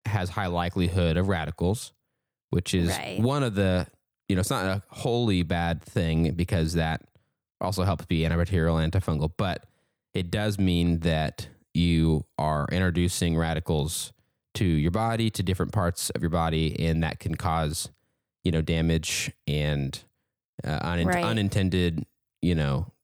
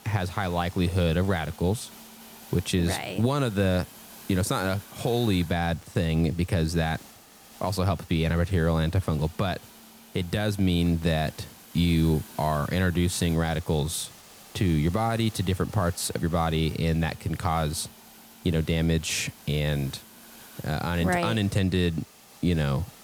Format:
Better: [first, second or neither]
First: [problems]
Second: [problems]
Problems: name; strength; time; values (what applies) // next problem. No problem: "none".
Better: first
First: none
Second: hiss; noticeable; throughout; 20 dB below the speech